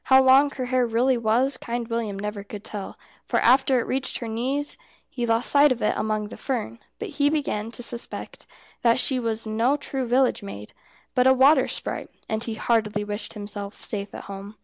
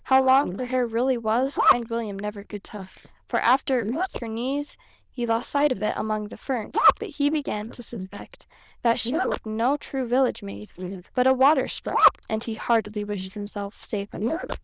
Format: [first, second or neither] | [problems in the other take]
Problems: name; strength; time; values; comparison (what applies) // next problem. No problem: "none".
first | noise reduction (neural diffusion model UNIVERSE++)